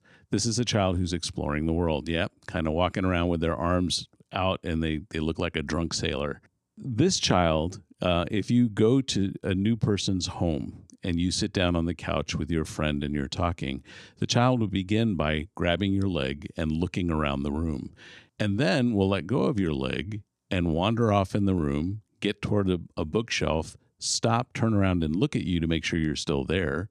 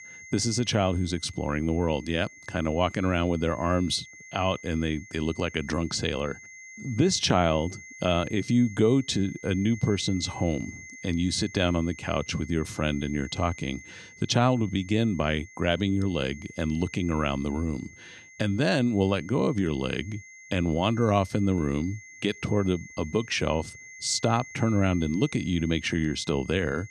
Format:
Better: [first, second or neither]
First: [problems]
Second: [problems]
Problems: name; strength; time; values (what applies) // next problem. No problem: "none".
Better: first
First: none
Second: high-pitched whine; noticeable; throughout; 2 kHz, 20 dB below the speech